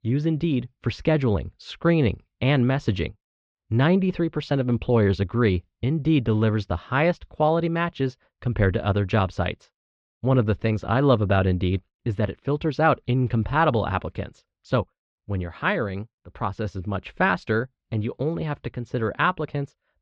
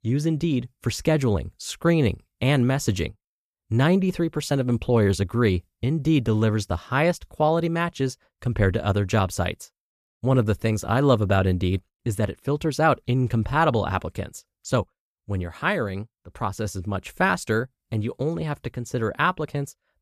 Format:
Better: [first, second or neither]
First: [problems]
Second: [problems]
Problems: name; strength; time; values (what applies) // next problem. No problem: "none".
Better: second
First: muffled; slightly; fading above 4 kHz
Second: none